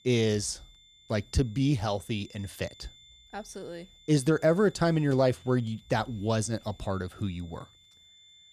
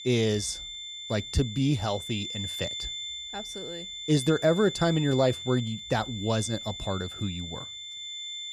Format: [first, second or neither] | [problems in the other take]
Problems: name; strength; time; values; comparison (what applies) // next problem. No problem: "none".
first | high-pitched whine; loud; throughout; 3.5 kHz, 8 dB below the speech; faint in the first